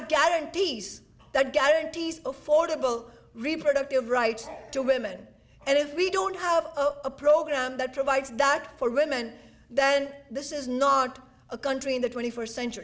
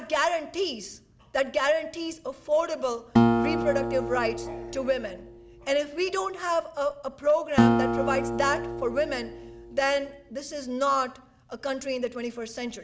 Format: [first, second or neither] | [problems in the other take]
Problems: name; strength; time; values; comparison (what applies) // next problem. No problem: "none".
first | background sound (Acoustic guitar); 1 dB above the speech